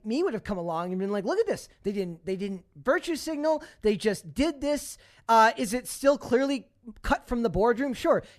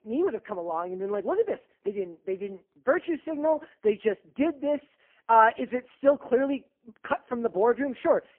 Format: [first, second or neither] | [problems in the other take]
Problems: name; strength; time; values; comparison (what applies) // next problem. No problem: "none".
first | phone-call audio; poor line